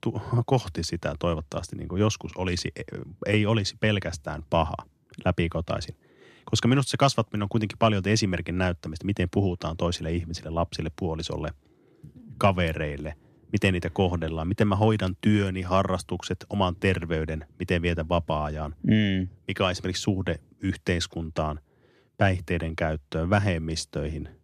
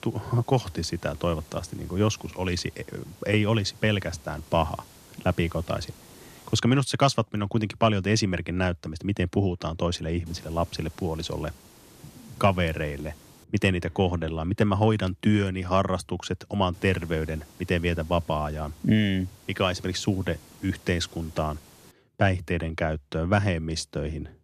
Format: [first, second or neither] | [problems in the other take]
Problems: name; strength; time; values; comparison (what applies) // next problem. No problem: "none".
first | hiss; faint; until 6.5 s, from 10 to 13 s and from 17 to 22 s; 25 dB below the speech